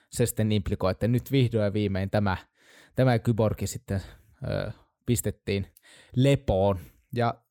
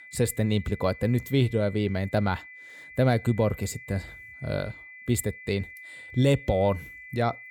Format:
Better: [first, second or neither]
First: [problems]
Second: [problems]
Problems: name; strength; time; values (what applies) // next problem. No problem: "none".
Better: first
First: none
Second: high-pitched whine; noticeable; throughout; 2 kHz, 15 dB below the speech